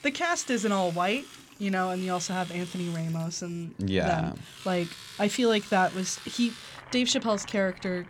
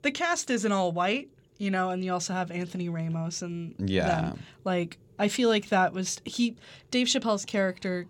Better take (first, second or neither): second